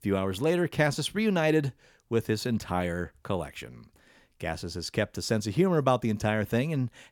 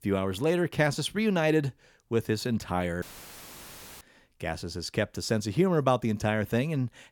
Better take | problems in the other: first | audio cutting out; filled with static; at 3 s for 1 s

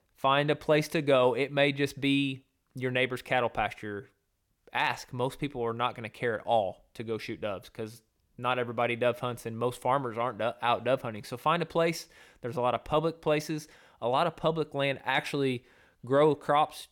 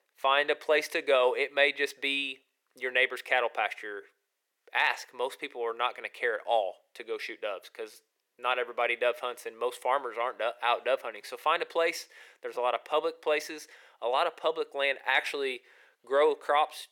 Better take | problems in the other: first | thin; very; fading below 400 Hz

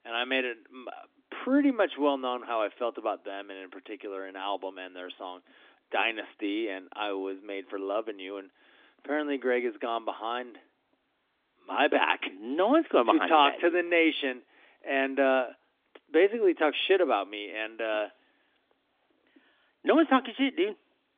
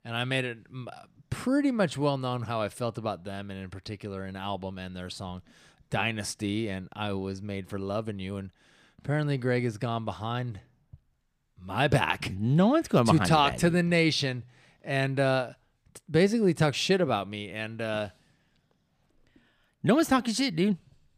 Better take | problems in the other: second | phone-call audio; nothing above 3.5 kHz

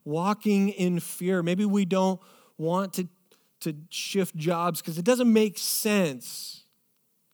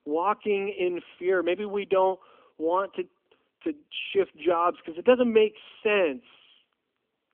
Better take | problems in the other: first | phone-call audio; nothing above 3 kHz

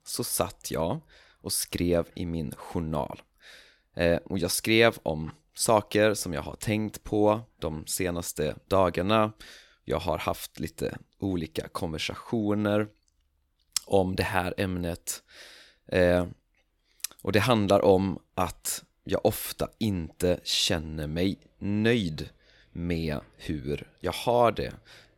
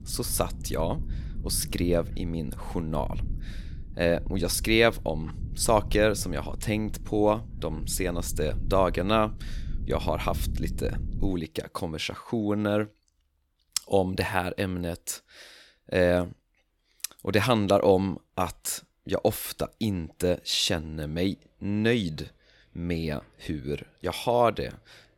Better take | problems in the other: first | low rumble; faint; until 11 s; 25 dB below the speech

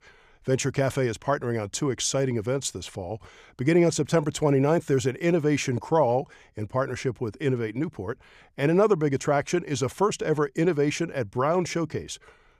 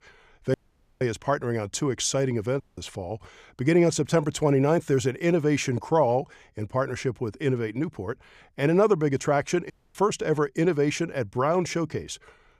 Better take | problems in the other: first | audio cutting out; at 0.5 s, at 2.5 s and at 9.5 s

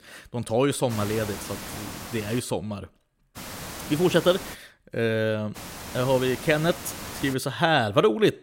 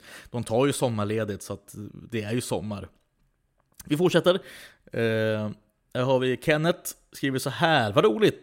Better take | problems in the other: second | hiss; noticeable; from 1 to 2.5 s, from 3.5 to 4.5 s and from 5.5 to 7.5 s; 10 dB below the speech

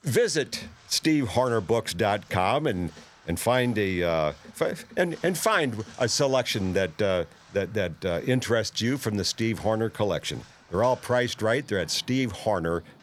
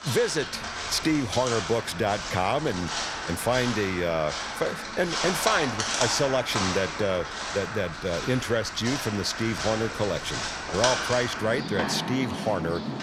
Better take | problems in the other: first | animal sounds; loud; throughout; 3 dB below the speech; faint in the first

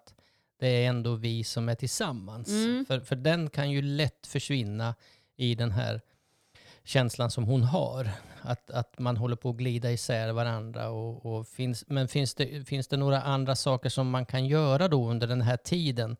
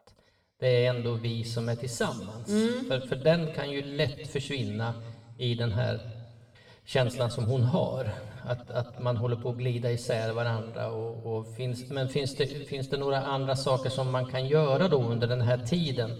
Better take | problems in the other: first | room echo; slight; dies away in 1.3 s // off-mic speech; somewhat distant

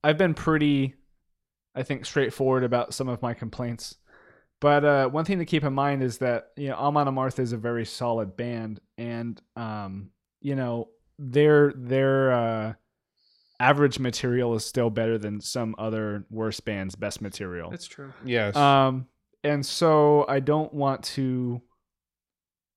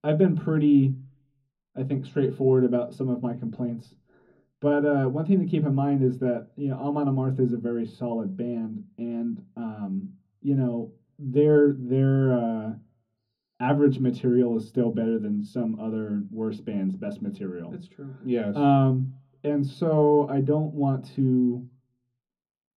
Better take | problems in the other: first | room echo; slight; dies away in 0.3 s // off-mic speech; far

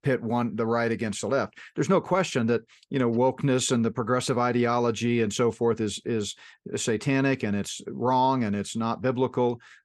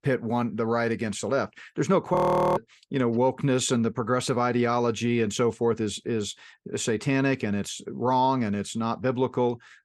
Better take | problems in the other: first | audio freezing; at 2 s

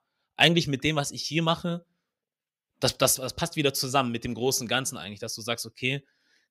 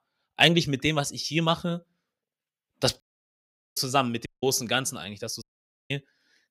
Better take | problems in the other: first | audio cutting out; at 3 s for 1 s, at 4.5 s and at 5.5 s

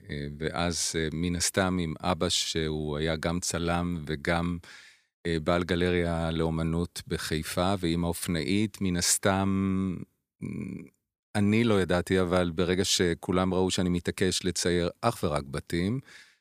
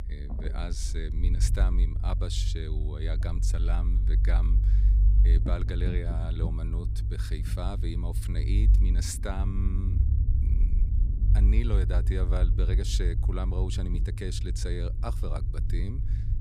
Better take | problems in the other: first | low rumble; loud; throughout; 6 dB below the speech

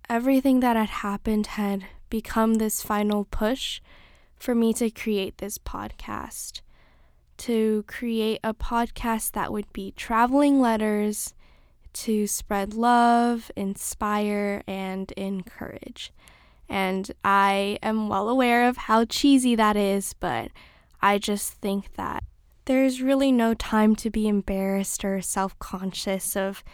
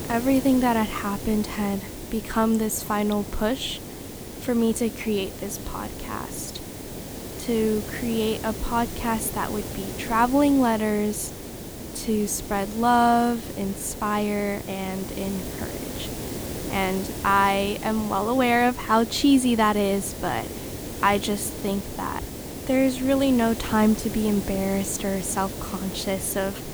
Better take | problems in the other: first | hiss; loud; throughout; 10 dB below the speech

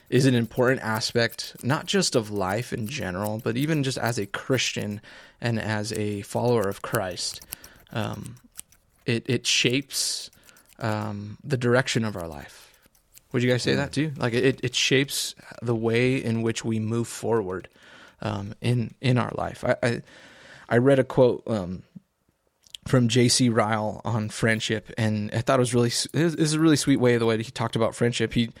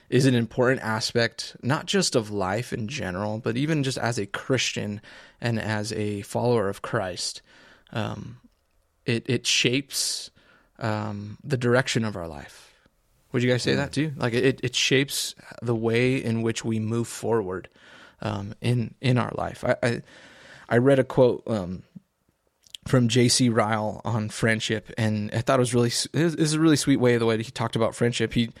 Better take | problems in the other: second | household noises; faint; throughout; 25 dB below the speech

